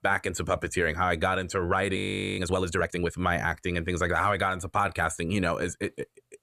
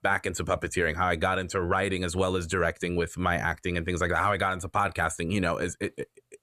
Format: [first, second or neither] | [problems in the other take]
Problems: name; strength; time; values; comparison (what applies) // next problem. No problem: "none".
second | audio freezing; at 2 s